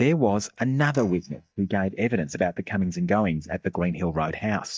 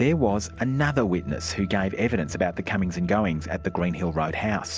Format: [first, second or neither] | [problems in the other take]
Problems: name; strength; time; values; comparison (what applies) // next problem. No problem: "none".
second | noise reduction (neural mask model DeepFilterNet 3)